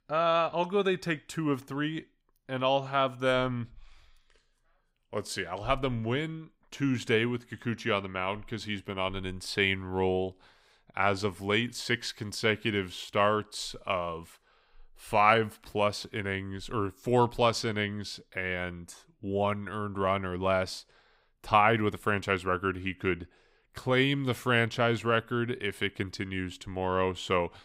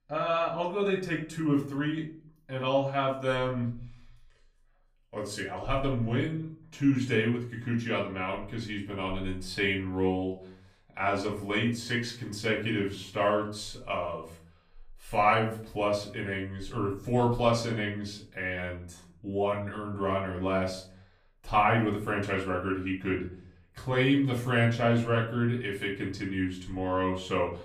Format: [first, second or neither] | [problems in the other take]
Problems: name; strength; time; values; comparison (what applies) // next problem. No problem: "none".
first | off-mic speech; far // room echo; slight; dies away in 0.4 s